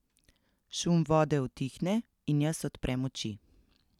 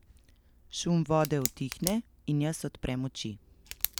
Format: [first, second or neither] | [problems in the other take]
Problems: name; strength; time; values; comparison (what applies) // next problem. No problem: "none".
first | background sound (Tick); 9 dB below the speech